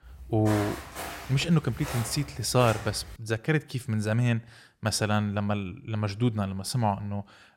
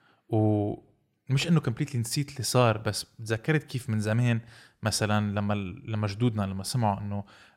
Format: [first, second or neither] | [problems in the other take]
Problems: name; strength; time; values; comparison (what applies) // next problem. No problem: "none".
second | footsteps; noticeable; until 3 s; peak 7 dB below the speech